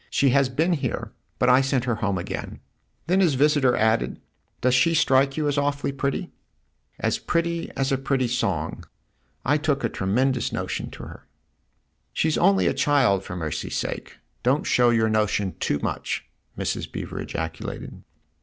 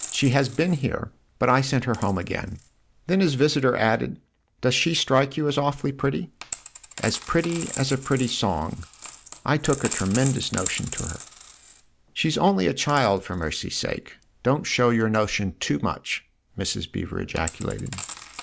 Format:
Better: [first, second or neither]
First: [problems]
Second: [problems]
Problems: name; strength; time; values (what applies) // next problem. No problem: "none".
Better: first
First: none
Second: background sound (Coin (dropping)); 14 dB below the speech